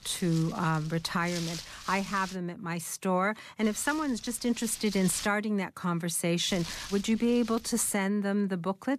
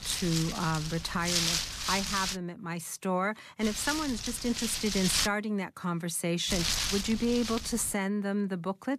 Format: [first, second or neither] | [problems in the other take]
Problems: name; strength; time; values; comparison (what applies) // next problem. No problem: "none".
first | wind noise on the microphone; heavy; until 2.5 s, from 3.5 to 5.5 s and from 6.5 to 8 s; 1 dB above the speech; occasional gusts in the first